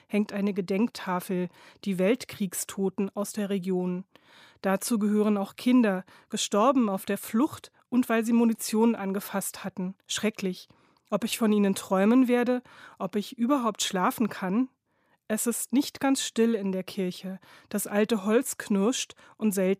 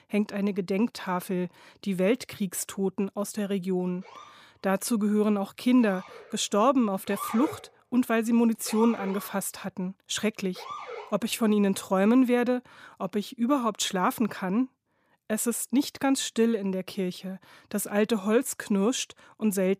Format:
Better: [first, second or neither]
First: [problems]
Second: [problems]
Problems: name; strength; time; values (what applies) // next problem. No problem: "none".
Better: first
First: none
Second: siren; noticeable; from 4 to 11 s; peak 8 dB below the speech